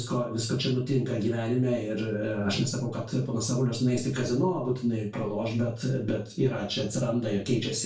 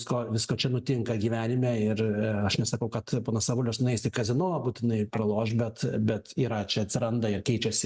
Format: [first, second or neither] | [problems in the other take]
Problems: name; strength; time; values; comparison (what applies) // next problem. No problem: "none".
second | room echo; dies away in 0.3 s